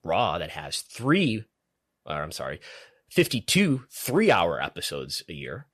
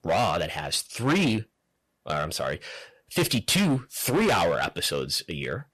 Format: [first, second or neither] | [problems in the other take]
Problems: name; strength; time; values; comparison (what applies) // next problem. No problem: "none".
first | distortion; heavy; 11% of the sound clipped